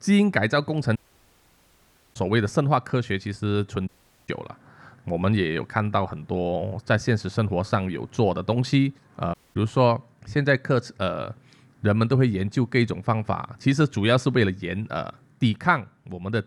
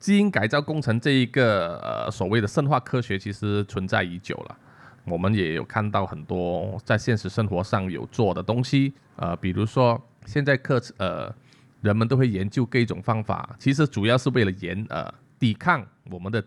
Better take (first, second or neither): second